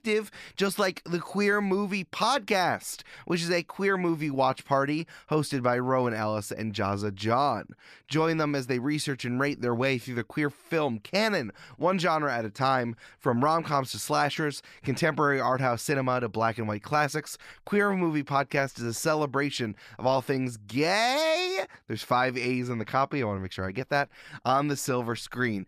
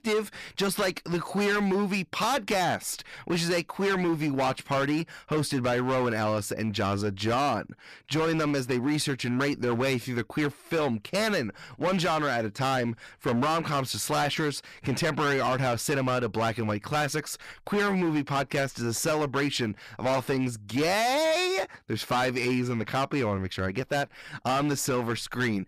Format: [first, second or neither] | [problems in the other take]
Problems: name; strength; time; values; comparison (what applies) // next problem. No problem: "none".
first | distortion; heavy; 15% of the sound clipped